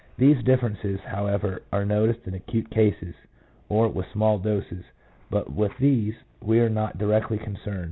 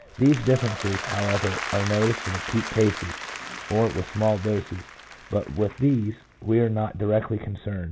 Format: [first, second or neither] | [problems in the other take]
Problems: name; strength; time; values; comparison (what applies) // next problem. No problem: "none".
first | background sound (Applause); 11 dB below the speech